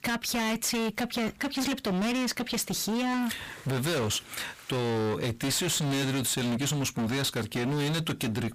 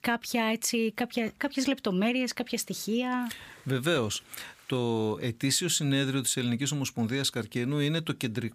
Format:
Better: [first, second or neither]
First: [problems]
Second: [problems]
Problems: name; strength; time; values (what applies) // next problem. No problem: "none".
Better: second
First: distortion; heavy; 38% of the sound clipped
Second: none